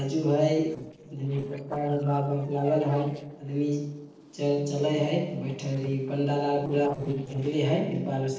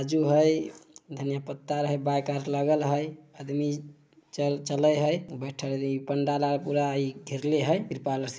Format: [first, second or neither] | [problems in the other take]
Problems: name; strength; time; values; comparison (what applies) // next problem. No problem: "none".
second | noise reduction (neural separator model SepFormer DNS4)